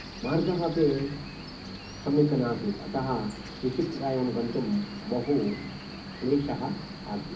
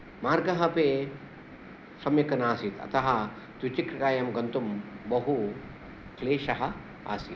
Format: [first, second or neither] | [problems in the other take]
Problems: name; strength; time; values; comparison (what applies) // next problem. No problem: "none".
second | background sound (Cricket); 14 dB below the speech // room echo; dies away in 0.3 s